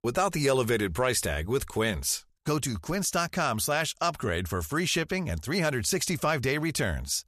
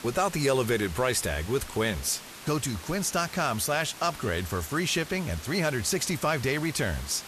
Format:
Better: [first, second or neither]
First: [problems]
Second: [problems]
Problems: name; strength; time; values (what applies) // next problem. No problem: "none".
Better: first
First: none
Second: hiss; noticeable; throughout; 15 dB below the speech